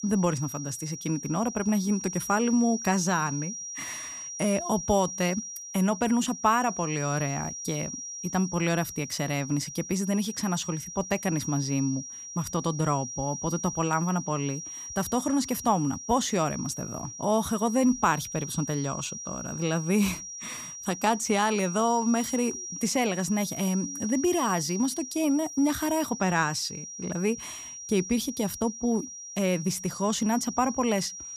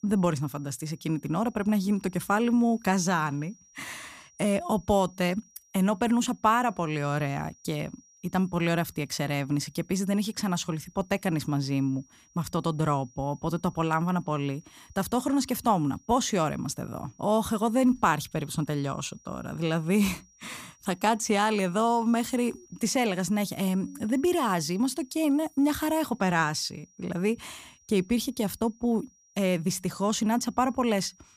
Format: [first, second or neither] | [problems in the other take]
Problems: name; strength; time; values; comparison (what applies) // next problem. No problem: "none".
second | high-pitched whine; loud; throughout; 5.5 kHz, 8 dB below the speech; faint in the second